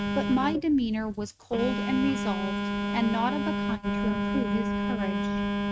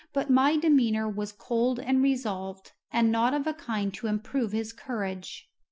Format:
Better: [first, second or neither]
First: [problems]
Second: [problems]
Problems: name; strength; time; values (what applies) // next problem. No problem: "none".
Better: second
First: noise reduction (neural mask model RNNoise)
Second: none